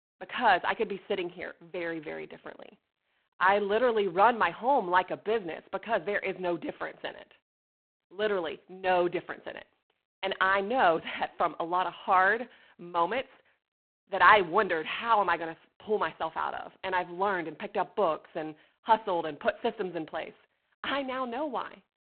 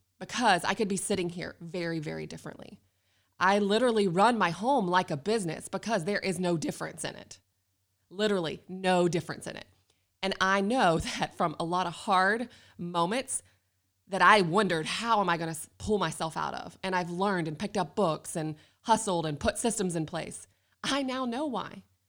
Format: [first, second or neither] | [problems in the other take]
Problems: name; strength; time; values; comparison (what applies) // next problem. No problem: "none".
second | phone-call audio; poor line